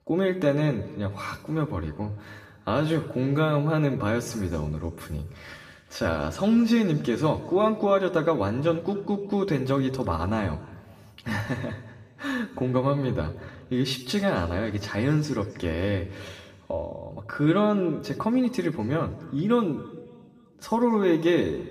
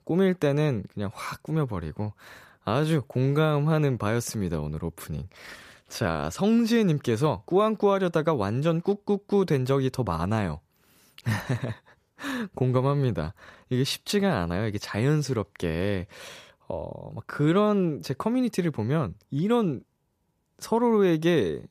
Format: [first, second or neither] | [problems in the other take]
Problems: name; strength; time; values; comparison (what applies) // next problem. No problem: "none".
second | room echo; slight; dies away in 1.3 s // off-mic speech; somewhat distant